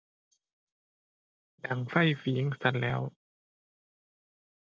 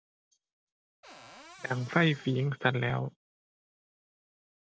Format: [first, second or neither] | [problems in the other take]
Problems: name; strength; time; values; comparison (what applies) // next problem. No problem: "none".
first | background sound (Cupboard open or close); 19 dB below the speech